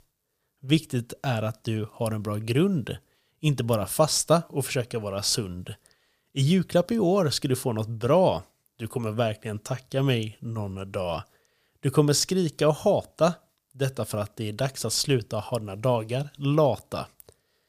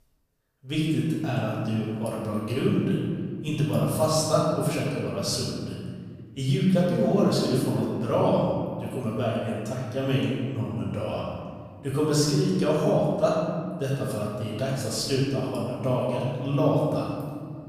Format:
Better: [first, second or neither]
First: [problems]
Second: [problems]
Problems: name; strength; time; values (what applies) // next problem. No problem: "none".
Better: first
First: none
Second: room echo; strong; dies away in 2.2 s // off-mic speech; far